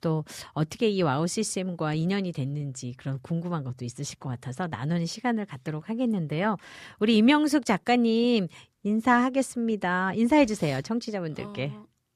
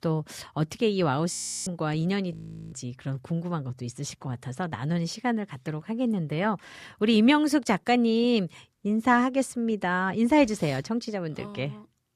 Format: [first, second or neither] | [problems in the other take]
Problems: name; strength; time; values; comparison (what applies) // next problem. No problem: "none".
first | audio freezing; at 1.5 s and at 2.5 s